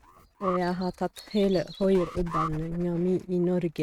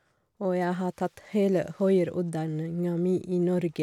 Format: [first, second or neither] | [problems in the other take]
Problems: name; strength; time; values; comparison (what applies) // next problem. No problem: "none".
second | noise reduction (neural mask model RNNoise)